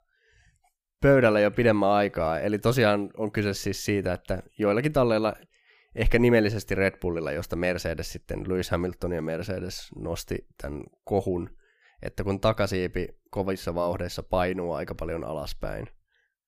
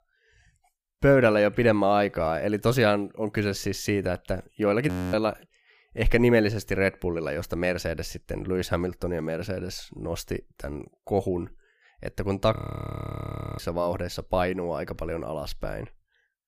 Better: first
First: none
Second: audio freezing; at 5 s and at 13 s for 1 s

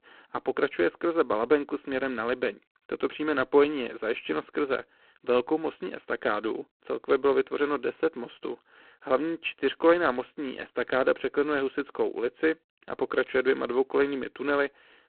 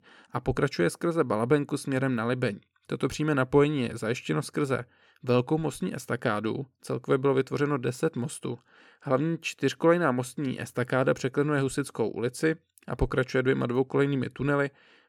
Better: second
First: phone-call audio; poor line; nothing above 4 kHz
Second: none

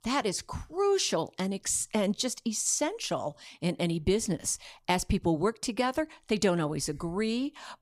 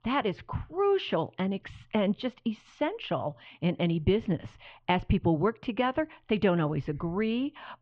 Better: first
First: none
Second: muffled; very; fading above 3 kHz

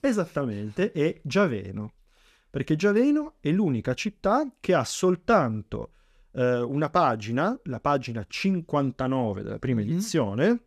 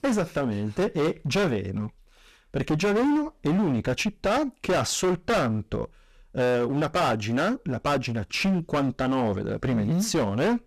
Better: first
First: none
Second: distortion; heavy; 19% of the sound clipped

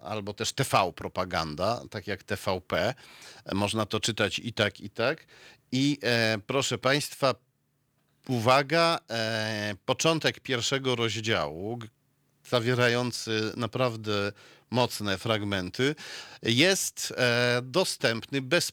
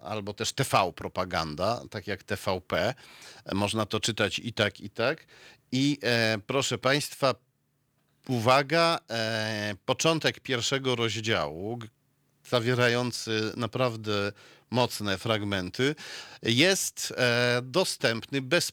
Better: neither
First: none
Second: none

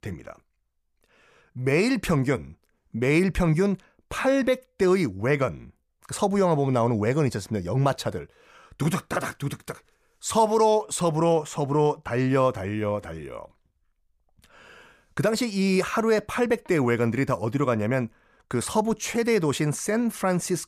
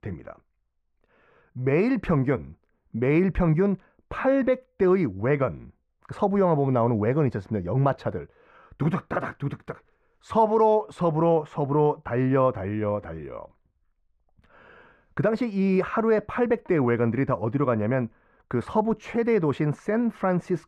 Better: first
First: none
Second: muffled; very; fading above 4 kHz

